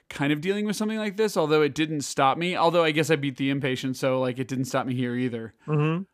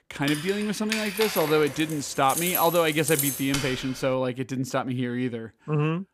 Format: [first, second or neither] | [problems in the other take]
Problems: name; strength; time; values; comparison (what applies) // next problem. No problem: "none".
first | jangling keys; noticeable; until 4 s; peak level with the speech